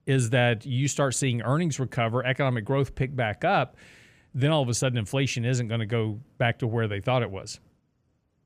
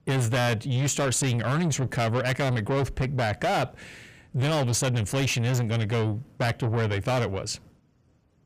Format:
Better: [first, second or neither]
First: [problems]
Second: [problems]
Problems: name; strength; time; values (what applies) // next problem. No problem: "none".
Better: first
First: none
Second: distortion; heavy; 7 dB below the speech